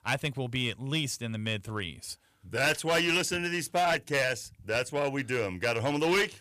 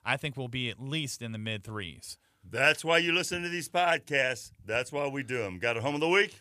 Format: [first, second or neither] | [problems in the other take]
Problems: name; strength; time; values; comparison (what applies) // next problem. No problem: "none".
second | distortion; heavy; 6% of the sound clipped